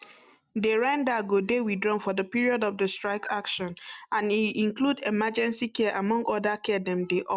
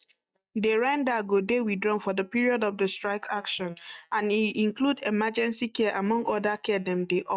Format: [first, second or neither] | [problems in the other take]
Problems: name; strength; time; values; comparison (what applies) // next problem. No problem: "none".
first | noise reduction (neural mask model DeepFilterNet 3)